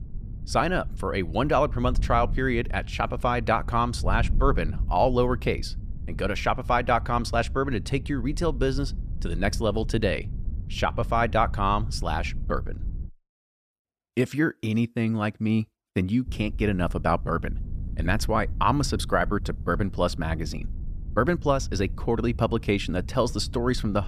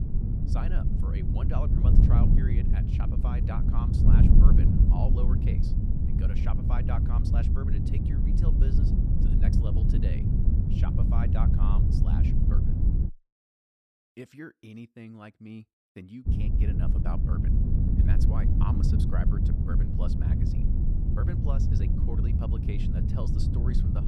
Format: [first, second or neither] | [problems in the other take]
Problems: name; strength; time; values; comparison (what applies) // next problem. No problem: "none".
first | wind noise on the microphone; heavy; until 13 s and from 16 s on; 4 dB above the speech; occasional gusts in the first